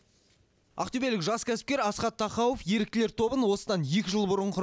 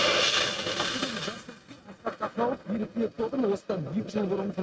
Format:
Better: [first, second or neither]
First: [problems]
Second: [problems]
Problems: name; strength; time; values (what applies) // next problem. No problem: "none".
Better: first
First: none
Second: noise reduction (neural mask model RNNoise)